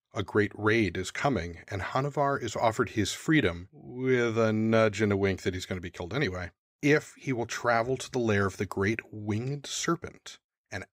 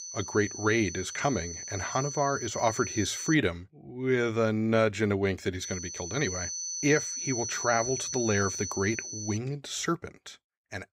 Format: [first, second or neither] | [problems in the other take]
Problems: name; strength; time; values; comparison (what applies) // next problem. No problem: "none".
first | high-pitched whine; loud; until 3.5 s and from 5.5 to 9.5 s; 6 kHz, 5 dB below the speech